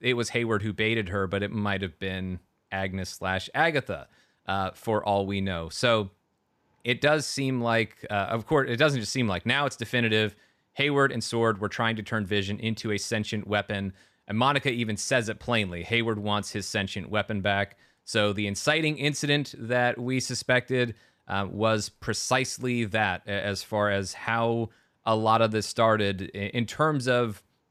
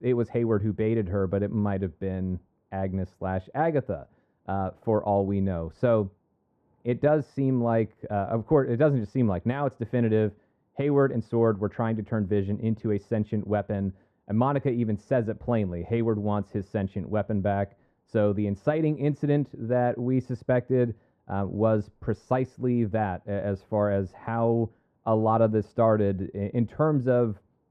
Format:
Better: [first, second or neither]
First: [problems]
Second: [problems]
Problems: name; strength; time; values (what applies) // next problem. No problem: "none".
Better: first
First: none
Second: muffled; very; fading above 2 kHz